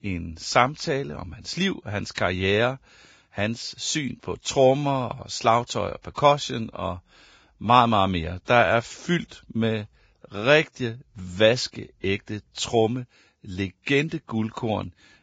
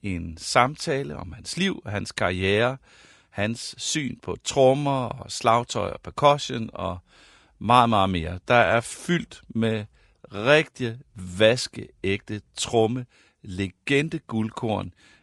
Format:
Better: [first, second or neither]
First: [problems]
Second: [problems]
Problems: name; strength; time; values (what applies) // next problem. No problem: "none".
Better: second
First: garbled, watery; badly; nothing above 7.5 kHz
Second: garbled, watery; slightly; nothing above 10.5 kHz